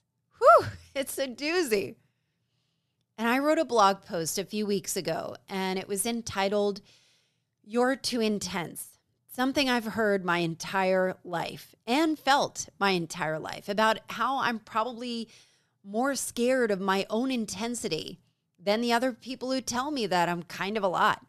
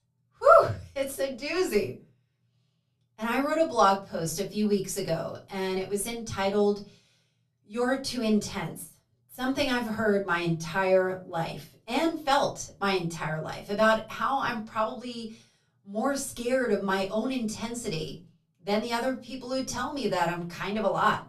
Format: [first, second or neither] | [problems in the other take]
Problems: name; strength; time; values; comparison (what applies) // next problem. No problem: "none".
first | off-mic speech; far // room echo; very slight; dies away in 0.2 s